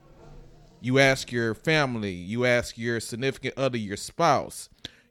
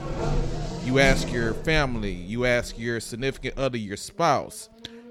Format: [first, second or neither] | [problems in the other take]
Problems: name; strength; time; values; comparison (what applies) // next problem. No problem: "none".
first | traffic noise; loud; throughout; 7 dB below the speech; faint in the first